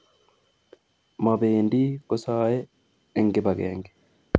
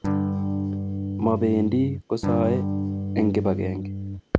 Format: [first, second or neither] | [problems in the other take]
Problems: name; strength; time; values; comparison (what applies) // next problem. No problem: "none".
first | background sound (Electric guitar / Strum); 1 dB below the speech